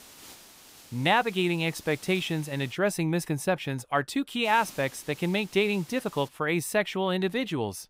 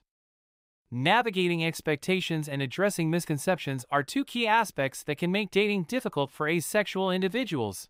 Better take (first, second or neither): second